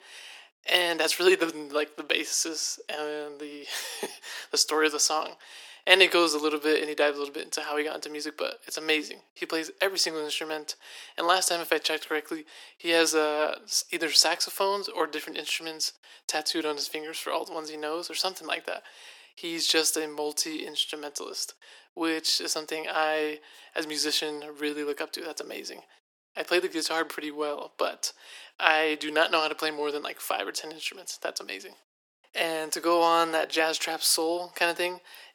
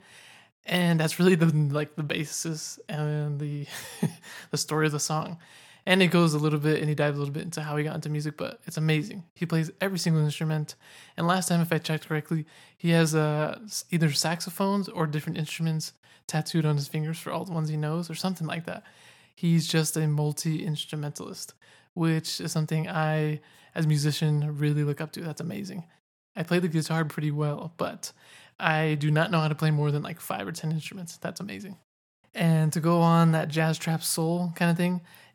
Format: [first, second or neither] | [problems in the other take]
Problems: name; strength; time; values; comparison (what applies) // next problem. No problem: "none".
second | thin; very; fading below 300 Hz